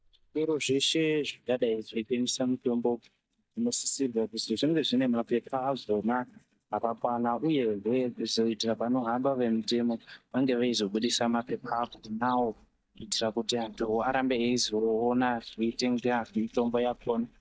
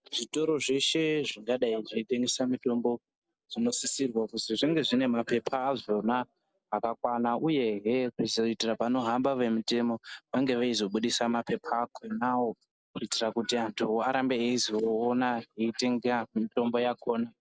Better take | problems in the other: second | noise reduction (neural mask model DeepFilterNet 3)

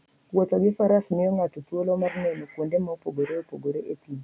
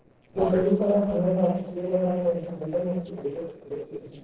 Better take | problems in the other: first | noise reduction (neural separator model SepFormer DNS4)

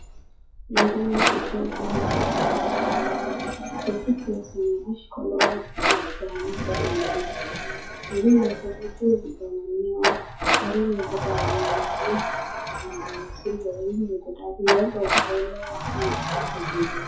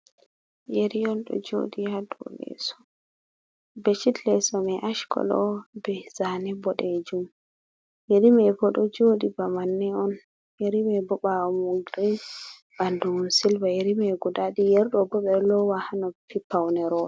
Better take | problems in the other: second | noise reduction (classical method WPE with log-MMSE)

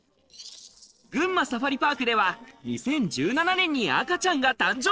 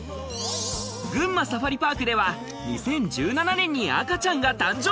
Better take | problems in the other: second | noise reduction (neural separator model SepFormer DNS4)

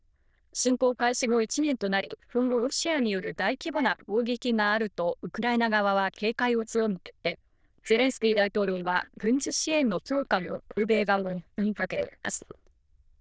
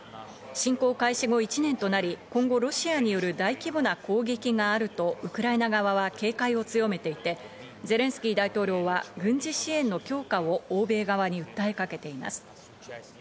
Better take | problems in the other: second | noise reduction (neural diffusion model UNIVERSE++)

